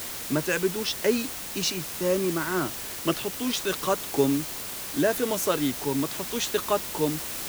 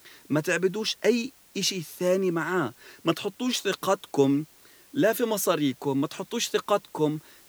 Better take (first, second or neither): second